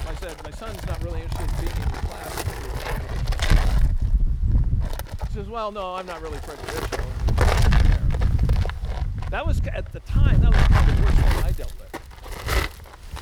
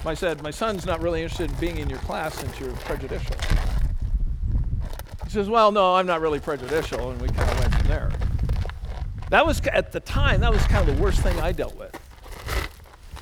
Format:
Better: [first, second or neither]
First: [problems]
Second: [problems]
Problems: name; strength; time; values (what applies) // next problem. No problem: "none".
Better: second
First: wind noise on the microphone; heavy; 4 dB above the speech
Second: wind noise on the microphone; occasional gusts; 10 dB below the speech